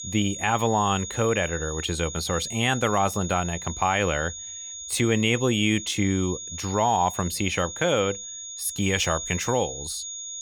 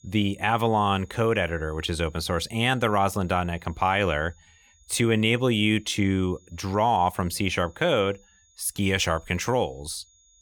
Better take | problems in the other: second | high-pitched whine; loud; throughout; 6.5 kHz, 8 dB below the speech; faint in the second

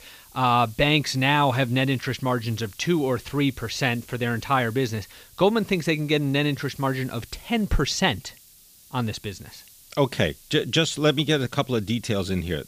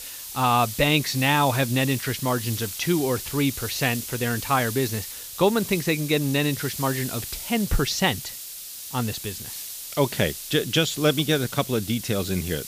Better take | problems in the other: first | hiss; loud; throughout; 8 dB below the speech; faint in the first

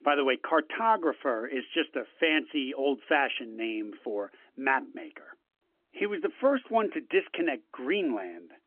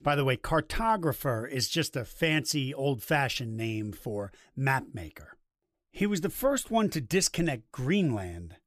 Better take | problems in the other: second | phone-call audio; nothing above 3 kHz

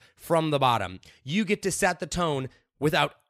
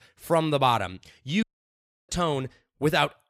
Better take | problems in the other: first | audio cutting out; at 1.5 s for 0.5 s

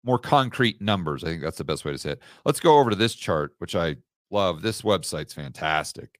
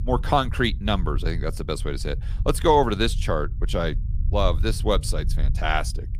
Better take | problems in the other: first | low rumble; faint; throughout; 20 dB below the speech

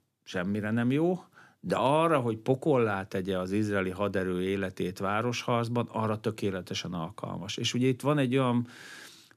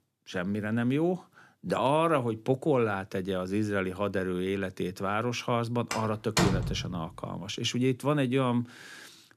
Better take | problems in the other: first | door banging; loud; from 6 to 7 s; peak 3 dB above the speech

